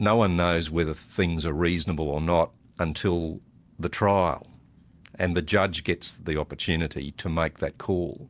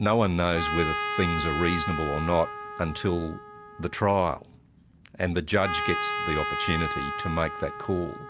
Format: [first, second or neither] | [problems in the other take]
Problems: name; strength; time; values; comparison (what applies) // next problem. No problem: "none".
first | background sound (Trumpet); 5 dB below the speech